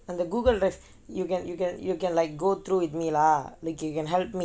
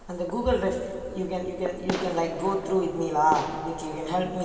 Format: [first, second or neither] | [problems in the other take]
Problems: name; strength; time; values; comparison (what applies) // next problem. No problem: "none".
first | background sound (Fireworks); 12 dB below the speech // room echo; dies away in 2.6 s